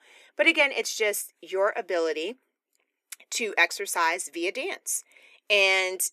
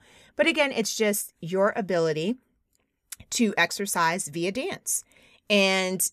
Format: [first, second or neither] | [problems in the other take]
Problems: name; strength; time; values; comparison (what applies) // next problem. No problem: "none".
second | thin; very; fading below 300 Hz